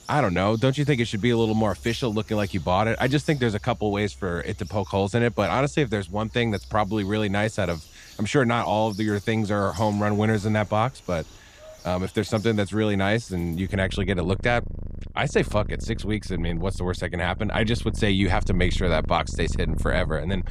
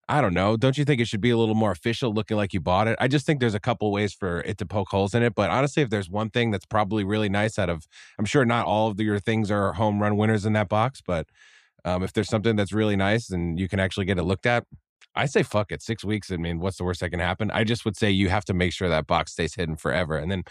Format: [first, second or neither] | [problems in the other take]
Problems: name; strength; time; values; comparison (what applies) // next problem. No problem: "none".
second | animal sounds; noticeable; throughout; 15 dB below the speech